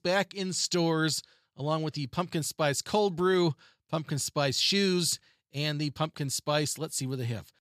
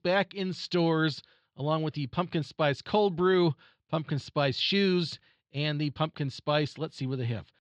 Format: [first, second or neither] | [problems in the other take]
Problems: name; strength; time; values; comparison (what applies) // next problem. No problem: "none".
first | muffled; slightly; fading above 3.5 kHz